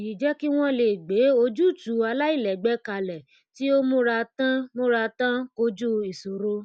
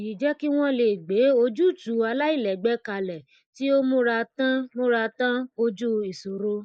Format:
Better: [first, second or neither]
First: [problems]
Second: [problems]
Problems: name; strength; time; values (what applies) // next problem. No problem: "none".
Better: first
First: none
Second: noise reduction (neural mask model Resemble Enhance denoiser)